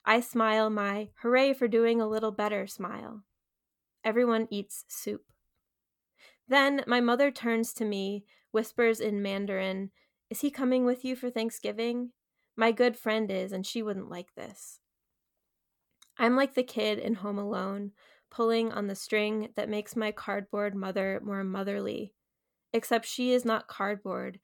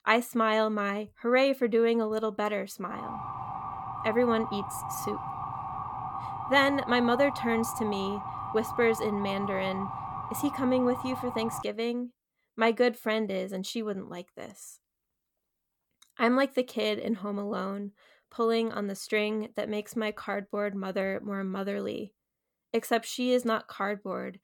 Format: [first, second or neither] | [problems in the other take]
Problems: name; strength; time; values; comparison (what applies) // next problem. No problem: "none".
first | siren; noticeable; from 3 to 12 s; peak 6 dB below the speech